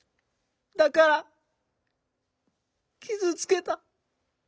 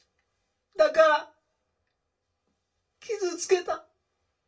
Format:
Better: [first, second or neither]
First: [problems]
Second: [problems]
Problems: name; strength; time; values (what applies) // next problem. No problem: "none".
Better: first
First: none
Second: room echo; dies away in 0.2 s